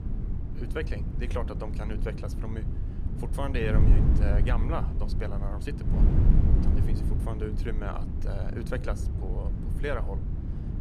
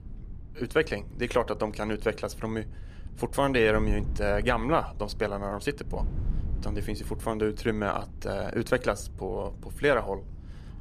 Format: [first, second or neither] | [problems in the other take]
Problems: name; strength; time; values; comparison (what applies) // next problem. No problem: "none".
second | wind noise on the microphone; heavy; 4 dB below the speech; occasional gusts in the second